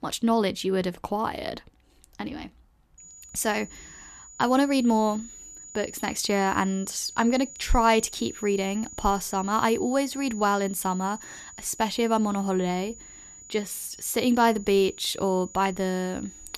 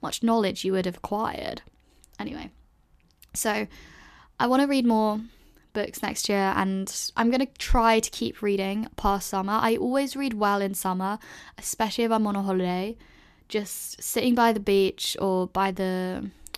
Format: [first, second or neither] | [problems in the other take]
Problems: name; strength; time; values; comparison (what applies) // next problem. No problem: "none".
second | high-pitched whine; noticeable; from 3 s on; 7 kHz, 15 dB below the speech